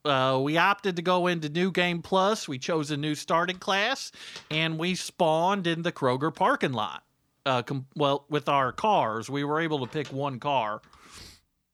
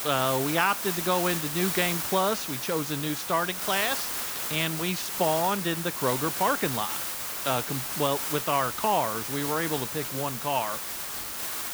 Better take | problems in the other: first | hiss; loud; throughout; 2 dB below the speech

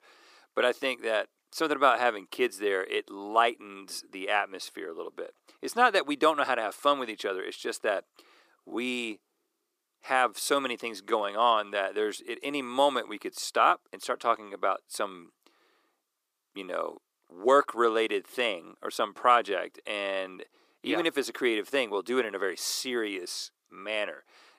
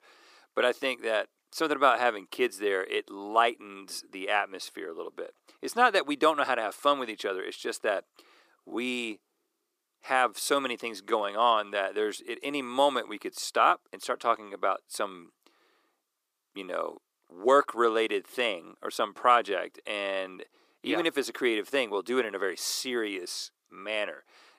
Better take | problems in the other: neither | thin; somewhat; fading below 350 Hz; the same in both

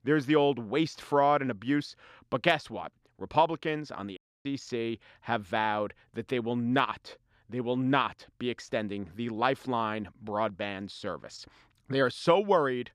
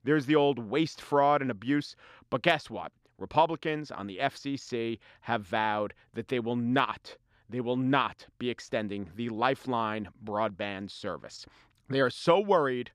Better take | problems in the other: second | audio cutting out; at 4 s

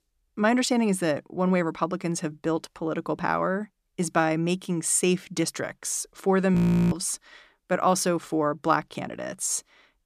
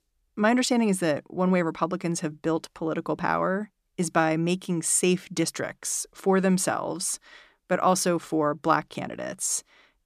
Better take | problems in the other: second | audio freezing; at 6.5 s

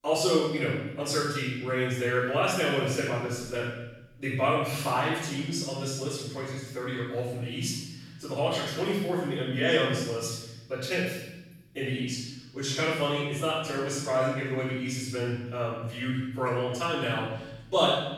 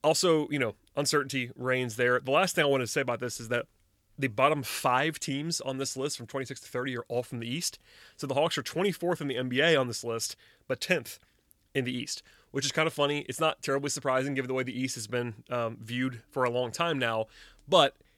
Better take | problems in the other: second | off-mic speech; far // room echo; strong; dies away in 1.1 s

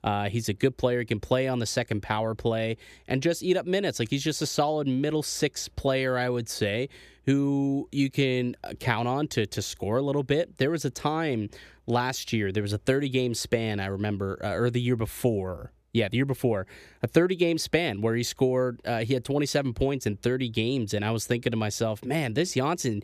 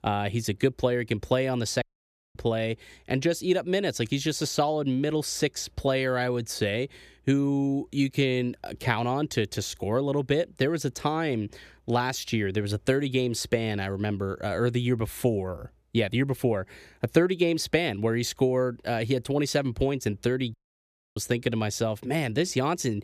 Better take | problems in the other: first | audio cutting out; at 2 s for 0.5 s and at 21 s for 0.5 s

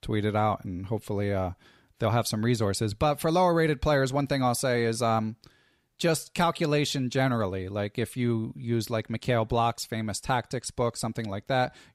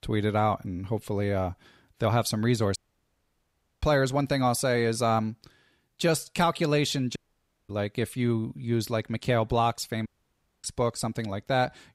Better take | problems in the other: first | audio cutting out; at 3 s for 1 s, at 7 s for 0.5 s and at 10 s for 0.5 s

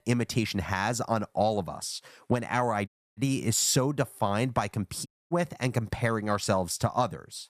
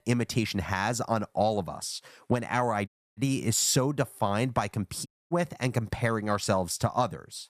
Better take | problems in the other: neither | audio cutting out; at 3 s and at 5 s; the same in both

